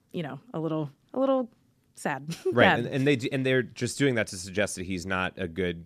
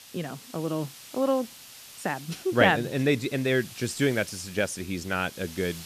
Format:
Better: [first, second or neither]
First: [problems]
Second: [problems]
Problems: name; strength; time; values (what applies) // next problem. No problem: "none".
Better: first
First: none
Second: hiss; noticeable; throughout; 15 dB below the speech